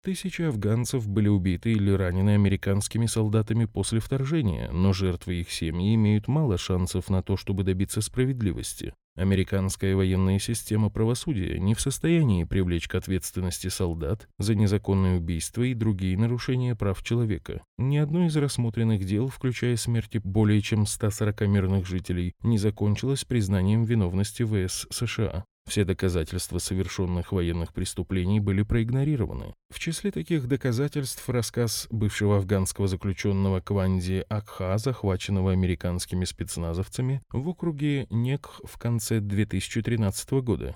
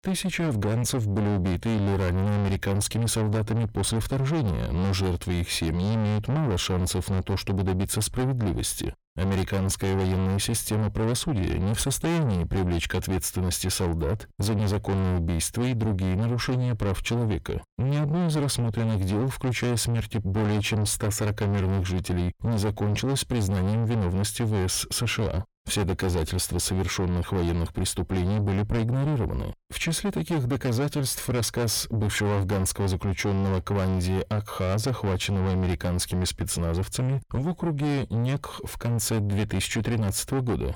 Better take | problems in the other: first | distortion; heavy; 6 dB below the speech

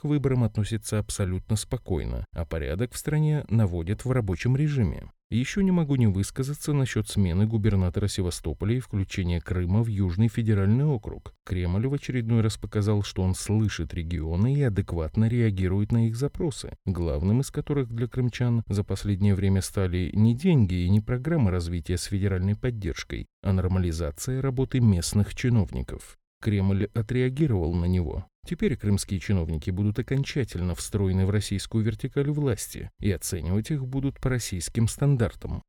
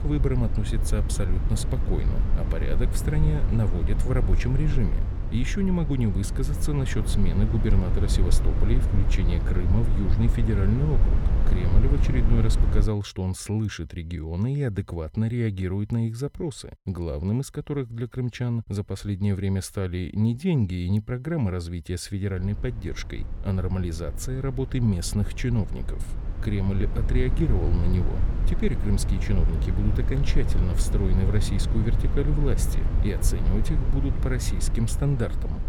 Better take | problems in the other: first | low rumble; loud; until 13 s and from 22 s on; 7 dB below the speech

